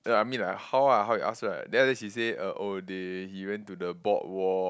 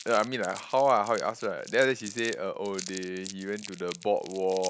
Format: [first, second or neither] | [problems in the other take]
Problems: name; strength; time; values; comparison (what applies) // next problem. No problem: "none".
first | background sound (Crumpling, crinkling); 16 dB below the speech